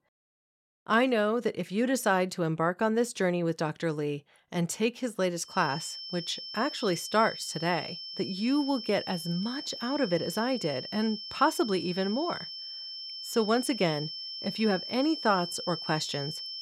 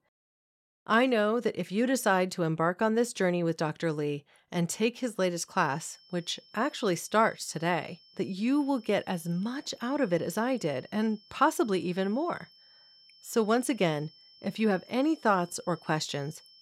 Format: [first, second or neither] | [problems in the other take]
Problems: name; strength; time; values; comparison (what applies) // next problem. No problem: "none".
second | high-pitched whine; loud; from 5.5 s on; 5.5 kHz, 8 dB below the speech; faint in the second